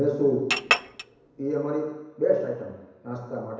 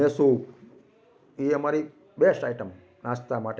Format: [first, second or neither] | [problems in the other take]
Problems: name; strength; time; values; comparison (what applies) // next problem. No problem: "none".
second | background sound (Chink, clink); as loud as the speech // room echo; dies away in 1 s